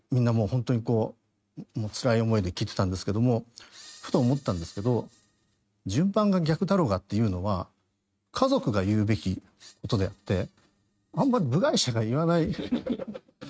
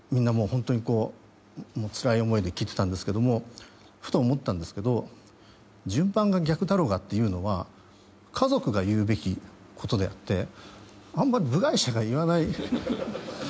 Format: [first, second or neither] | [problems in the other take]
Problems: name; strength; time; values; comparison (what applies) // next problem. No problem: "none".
second | noise reduction (neural mask model RNNoise)